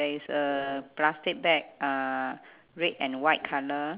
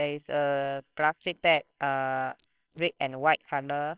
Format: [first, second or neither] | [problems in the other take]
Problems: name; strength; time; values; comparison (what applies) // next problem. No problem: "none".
first | noise reduction (neural separator model SepFormer WHAMR!)